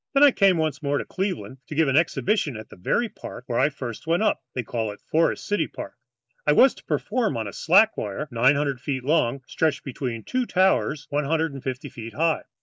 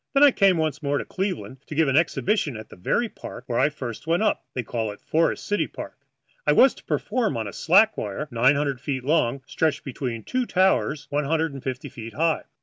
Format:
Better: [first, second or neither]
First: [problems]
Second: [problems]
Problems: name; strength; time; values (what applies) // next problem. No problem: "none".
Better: second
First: noise reduction (neural mask model Resemble Enhance denoiser)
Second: none